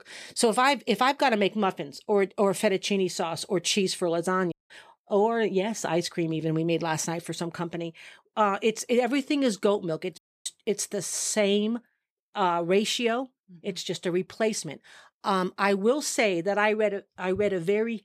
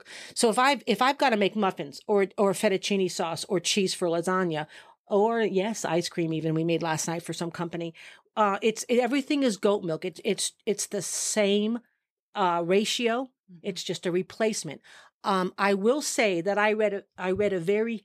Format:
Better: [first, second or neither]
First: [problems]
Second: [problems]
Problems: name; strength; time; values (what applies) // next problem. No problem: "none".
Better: second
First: audio cutting out; at 4.5 s and at 10 s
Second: none